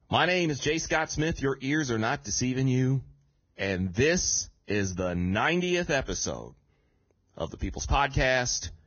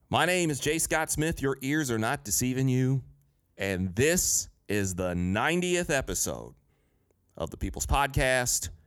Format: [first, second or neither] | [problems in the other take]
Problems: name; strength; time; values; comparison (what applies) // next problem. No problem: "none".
second | garbled, watery; badly; nothing above 6.5 kHz